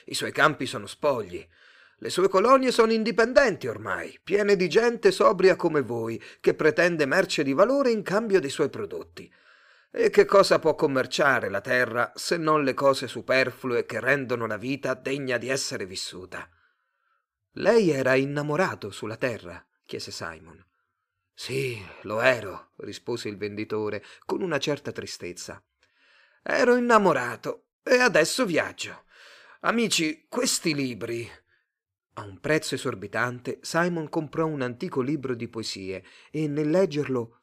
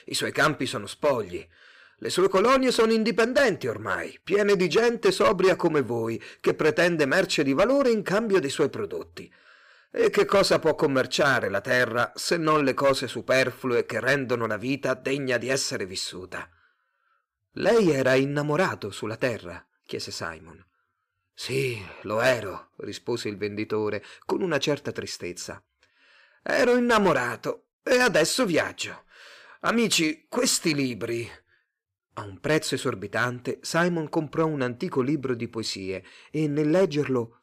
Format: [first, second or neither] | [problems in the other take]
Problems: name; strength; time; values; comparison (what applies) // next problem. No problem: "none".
first | distortion; slight; 4% of the sound clipped